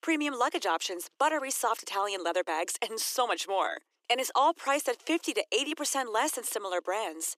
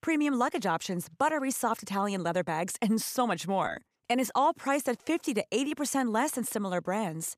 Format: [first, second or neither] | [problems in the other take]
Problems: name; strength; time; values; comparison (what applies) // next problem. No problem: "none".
second | thin; somewhat; fading below 300 Hz